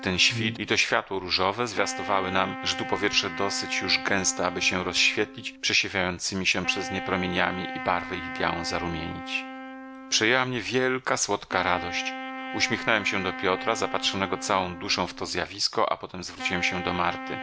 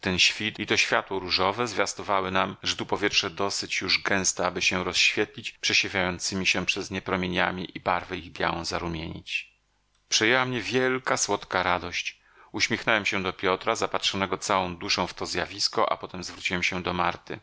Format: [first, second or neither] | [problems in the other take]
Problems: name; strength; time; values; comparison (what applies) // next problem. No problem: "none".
second | background sound (Brass instrument + Wind instrument, woodwind instrument); 10 dB below the speech